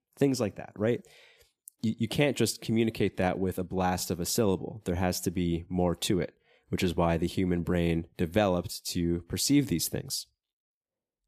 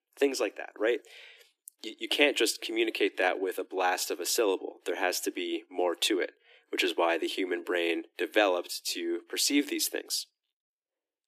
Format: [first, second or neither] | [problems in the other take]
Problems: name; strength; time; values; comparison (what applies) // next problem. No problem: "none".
first | thin; somewhat; fading below 300 Hz